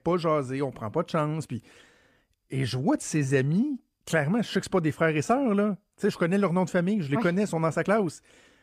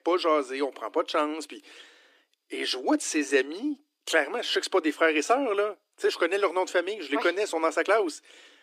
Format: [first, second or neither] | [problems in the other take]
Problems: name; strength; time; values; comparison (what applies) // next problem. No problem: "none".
first | thin; somewhat; fading below 300 Hz